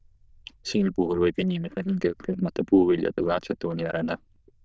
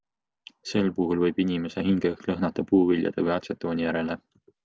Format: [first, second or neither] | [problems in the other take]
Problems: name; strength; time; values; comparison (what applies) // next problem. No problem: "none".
second | noise reduction (neural diffusion model UNIVERSE++)